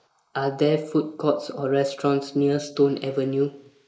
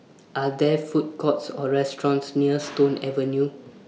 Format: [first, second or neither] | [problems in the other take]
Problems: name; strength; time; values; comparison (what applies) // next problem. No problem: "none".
second | noise reduction (neural mask model Resemble Enhance denoiser)